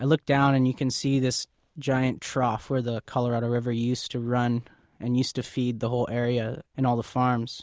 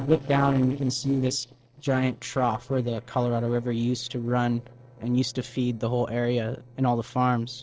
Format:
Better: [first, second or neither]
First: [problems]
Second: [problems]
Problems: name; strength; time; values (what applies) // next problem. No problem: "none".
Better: first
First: none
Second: noise reduction (neural separator model SepFormer DNS4)